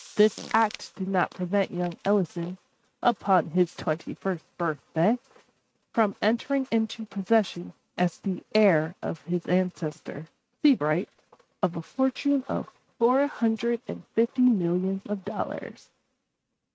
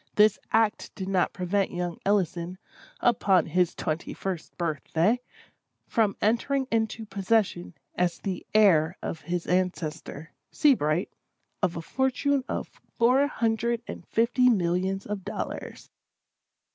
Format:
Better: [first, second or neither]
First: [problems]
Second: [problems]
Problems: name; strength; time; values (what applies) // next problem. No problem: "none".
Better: second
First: noise reduction (neural mask model RNNoise)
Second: none